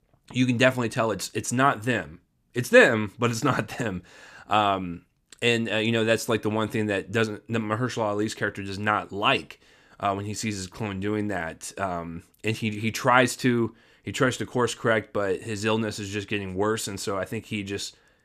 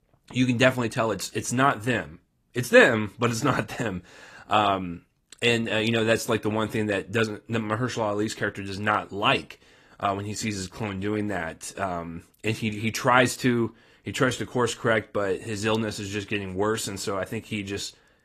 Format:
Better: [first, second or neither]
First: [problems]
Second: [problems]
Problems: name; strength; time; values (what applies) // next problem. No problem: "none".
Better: first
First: none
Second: garbled, watery; slightly; nothing above 14.5 kHz